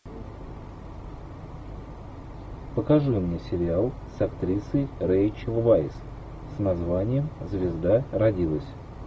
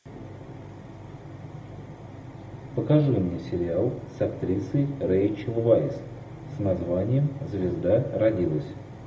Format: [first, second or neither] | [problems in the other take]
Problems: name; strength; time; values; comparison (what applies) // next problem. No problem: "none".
first | room echo; dies away in 0.7 s